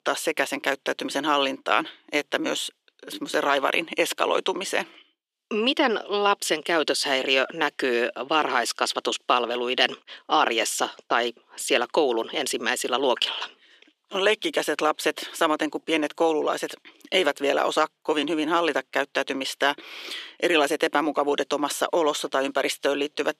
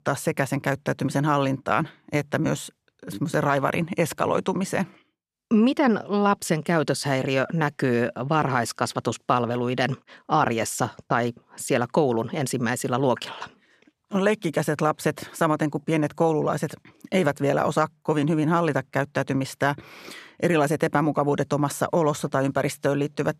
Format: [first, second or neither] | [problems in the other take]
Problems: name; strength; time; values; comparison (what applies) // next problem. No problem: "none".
second | thin; somewhat; fading below 350 Hz